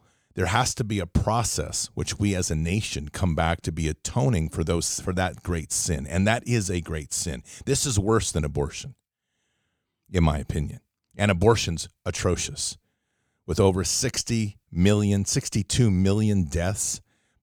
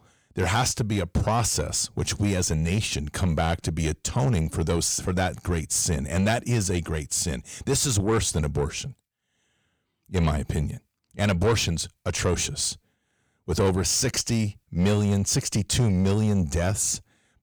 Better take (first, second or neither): first